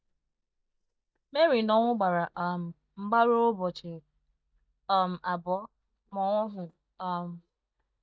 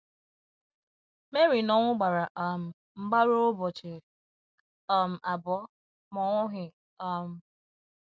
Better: second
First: noise reduction (neural mask model DeepFilterNet 3)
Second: none

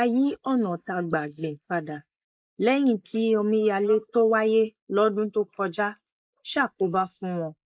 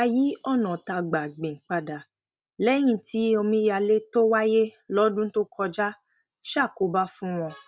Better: second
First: noise reduction (neural mask model Resemble Enhance denoiser)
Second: none

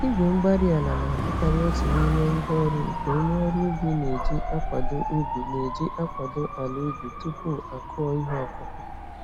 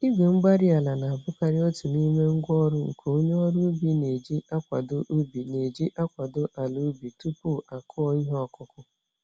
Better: second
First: background sound (Motorcycle / Dog); 2 dB below the speech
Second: none

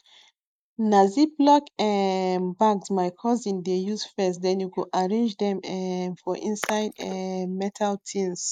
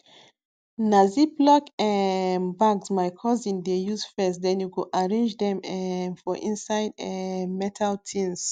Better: second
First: noise reduction (neural mask model Resemble Enhance denoiser)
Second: none

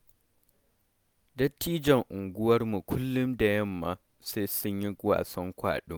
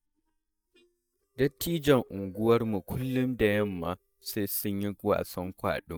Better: first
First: none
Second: noise reduction (neural mask model DeepFilterNet 3)

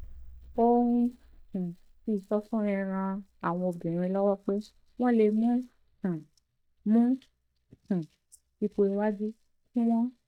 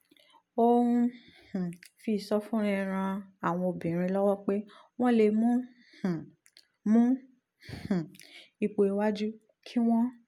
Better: second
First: noise reduction (neural mask model DeepFilterNet 3)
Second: none

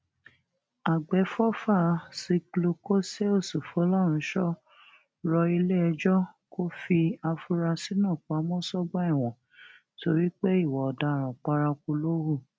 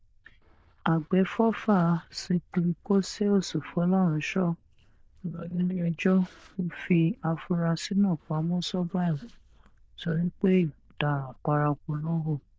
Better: first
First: none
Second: noise reduction (neural diffusion model UNIVERSE++)

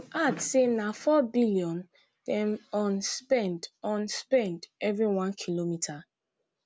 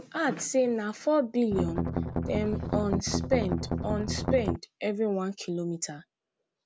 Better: first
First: none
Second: background sound (Strum); as loud as the speech

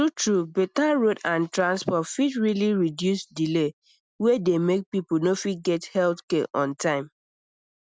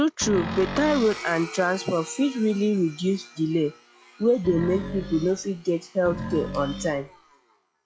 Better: first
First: none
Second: noise reduction (classical method log-MMSE)

